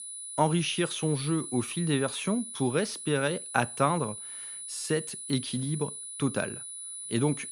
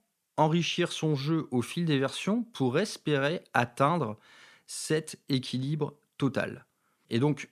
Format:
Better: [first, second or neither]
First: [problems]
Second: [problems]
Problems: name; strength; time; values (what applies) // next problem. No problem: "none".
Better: second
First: high-pitched whine; loud; throughout; 10 kHz, 7 dB below the speech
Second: none